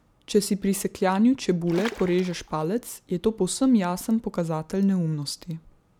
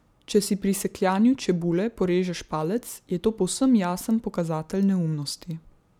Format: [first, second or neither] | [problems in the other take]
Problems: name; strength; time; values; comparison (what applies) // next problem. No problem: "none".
second | background sound (Water / Splash, splatter); 14 dB below the speech